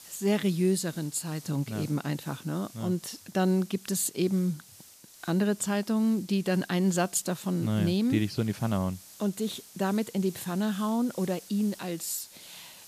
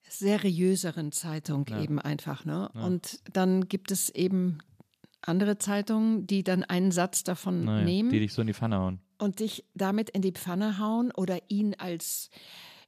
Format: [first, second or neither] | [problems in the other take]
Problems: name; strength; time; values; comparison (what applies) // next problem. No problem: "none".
second | hiss; noticeable; throughout; 20 dB below the speech